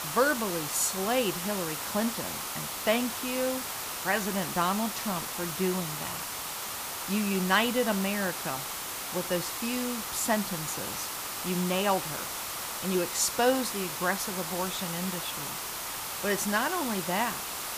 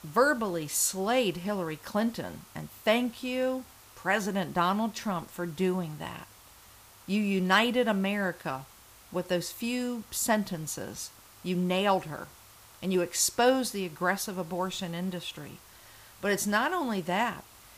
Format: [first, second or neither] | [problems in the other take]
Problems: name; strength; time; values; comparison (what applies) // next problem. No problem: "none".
second | hiss; loud; throughout; 3 dB below the speech; faint in the second